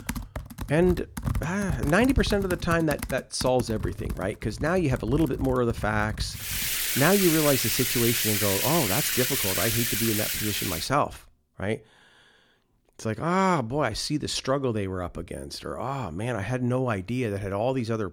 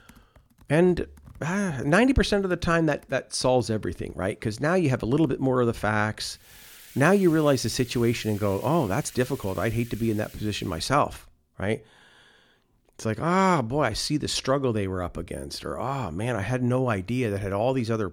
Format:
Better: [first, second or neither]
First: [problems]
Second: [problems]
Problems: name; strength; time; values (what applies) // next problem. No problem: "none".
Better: second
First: household noises; loud; until 11 s; 1 dB below the speech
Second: household noises; faint; until 11 s; 25 dB below the speech